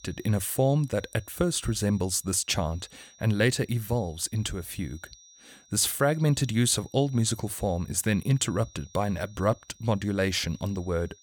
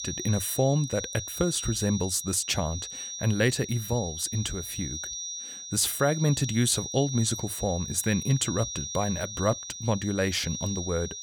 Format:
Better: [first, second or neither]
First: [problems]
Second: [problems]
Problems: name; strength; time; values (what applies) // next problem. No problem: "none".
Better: first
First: high-pitched whine; faint; throughout; 5.5 kHz, 25 dB below the speech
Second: high-pitched whine; loud; throughout; 5.5 kHz, 7 dB below the speech